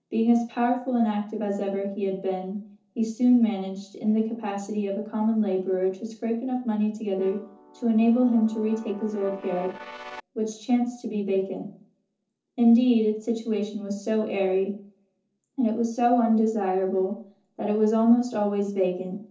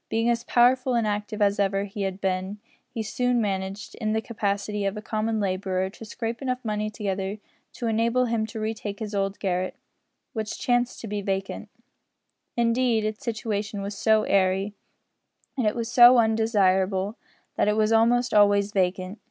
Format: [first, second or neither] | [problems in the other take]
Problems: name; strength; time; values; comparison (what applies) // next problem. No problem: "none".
second | noise reduction (neural separator model SepFormer DNS4)